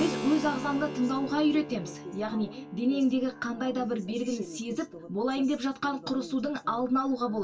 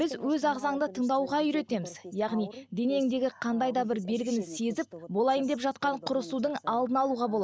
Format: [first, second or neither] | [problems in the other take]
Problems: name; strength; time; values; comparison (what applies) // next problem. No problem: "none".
second | background sound (Keyboard (musical)); 13 dB below the speech // room echo; dies away in 0.1 s